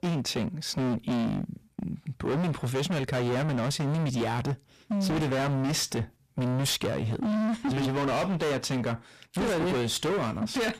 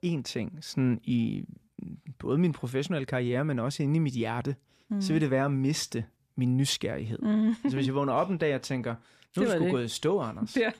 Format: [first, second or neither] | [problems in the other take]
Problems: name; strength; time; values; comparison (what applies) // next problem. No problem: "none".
second | distortion; heavy; 36% of the sound clipped